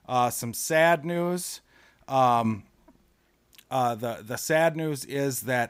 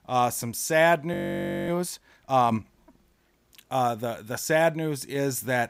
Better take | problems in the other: first | audio freezing; at 1 s for 0.5 s

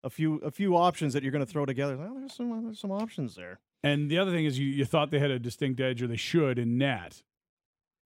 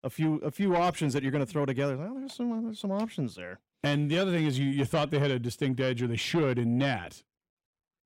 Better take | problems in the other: first | distortion; slight; 10 dB below the speech

